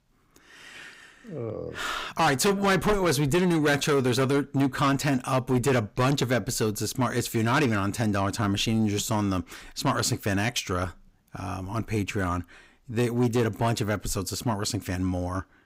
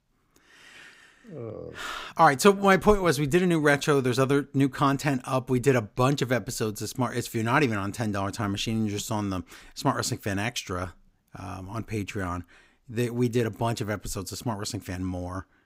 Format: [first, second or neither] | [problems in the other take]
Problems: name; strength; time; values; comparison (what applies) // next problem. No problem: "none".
second | distortion; heavy; 7 dB below the speech